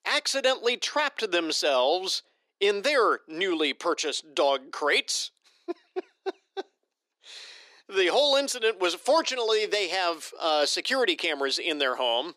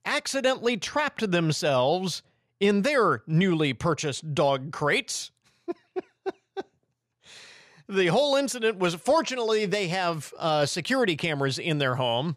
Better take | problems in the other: second | thin; somewhat; fading below 300 Hz

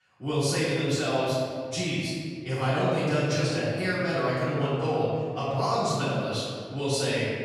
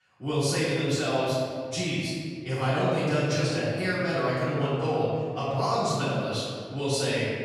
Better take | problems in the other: neither | room echo; strong; dies away in 1.9 s; the same in both // off-mic speech; far; the same in both

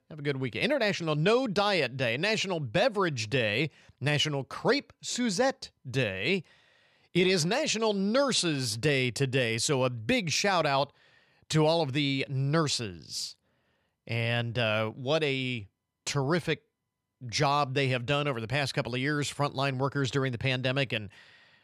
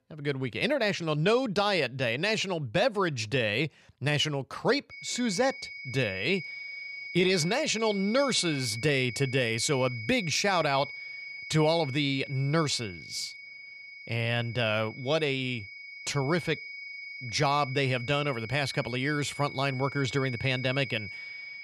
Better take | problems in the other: first | high-pitched whine; noticeable; from 5 s on; 2 kHz, 10 dB below the speech

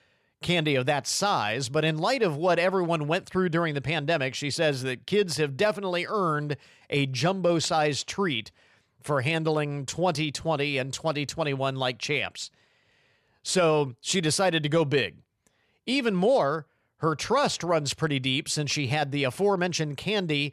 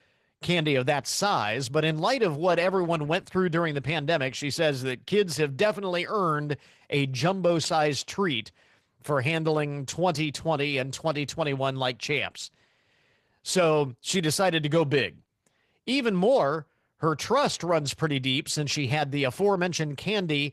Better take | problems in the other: first | garbled, watery; slightly

